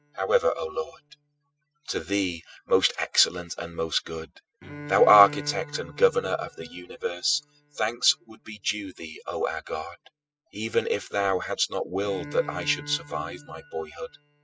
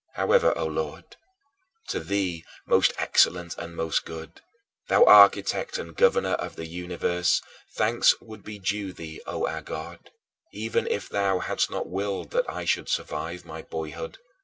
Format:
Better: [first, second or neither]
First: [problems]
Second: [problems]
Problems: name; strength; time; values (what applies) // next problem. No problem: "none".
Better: second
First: noise reduction (classical method spectral subtraction)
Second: none